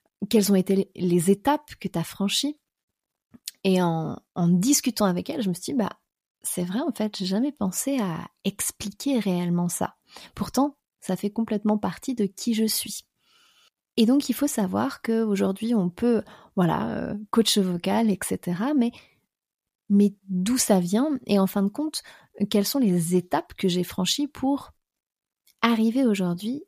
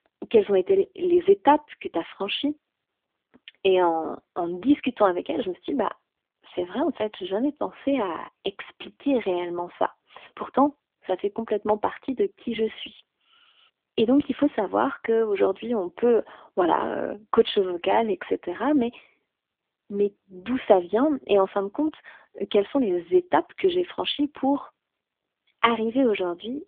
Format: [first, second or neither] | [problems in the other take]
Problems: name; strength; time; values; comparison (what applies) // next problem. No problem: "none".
first | phone-call audio; poor line; nothing above 3.5 kHz